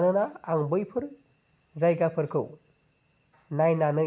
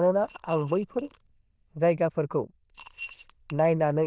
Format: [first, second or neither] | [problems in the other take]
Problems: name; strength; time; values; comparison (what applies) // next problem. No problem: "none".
first | noise reduction (neural diffusion model UNIVERSE++)